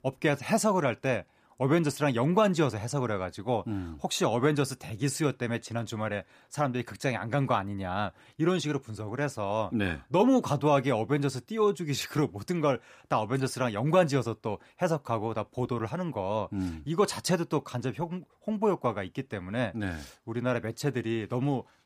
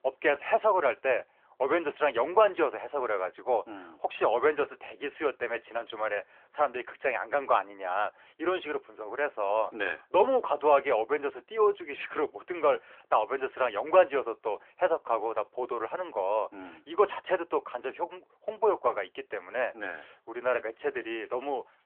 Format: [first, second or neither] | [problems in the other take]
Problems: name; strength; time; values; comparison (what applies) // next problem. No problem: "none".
first | phone-call audio